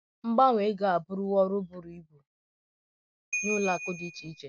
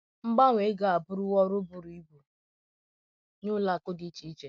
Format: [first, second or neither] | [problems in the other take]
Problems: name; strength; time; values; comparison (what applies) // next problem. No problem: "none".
second | background sound (Ringtone / Bell); 6 dB below the speech